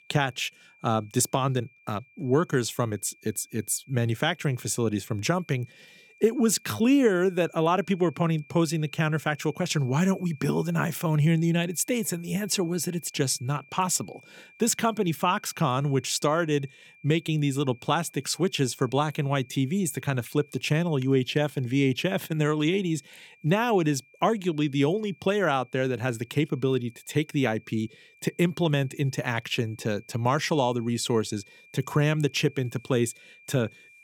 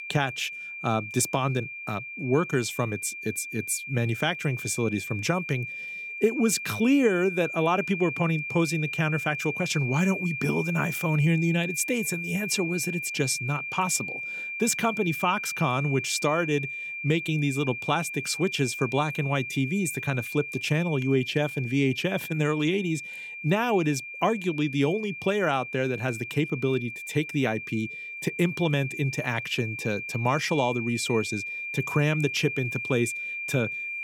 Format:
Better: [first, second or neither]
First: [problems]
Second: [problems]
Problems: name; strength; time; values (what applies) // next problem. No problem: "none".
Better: first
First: high-pitched whine; faint; throughout; 2.5 kHz, 30 dB below the speech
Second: high-pitched whine; loud; throughout; 2.5 kHz, 6 dB below the speech